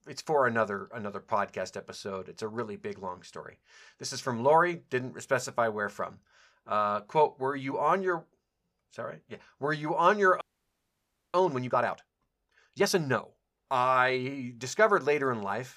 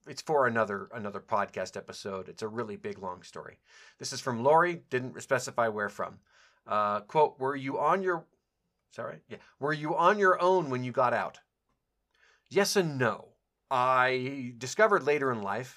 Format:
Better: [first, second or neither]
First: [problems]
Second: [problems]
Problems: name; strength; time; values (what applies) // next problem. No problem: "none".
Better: second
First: audio freezing; at 10 s for 1 s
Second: none